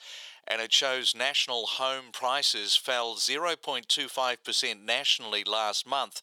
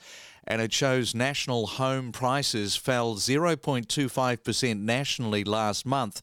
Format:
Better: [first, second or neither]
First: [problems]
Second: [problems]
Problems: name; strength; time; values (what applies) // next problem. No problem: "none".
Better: second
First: thin; very; fading below 700 Hz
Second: none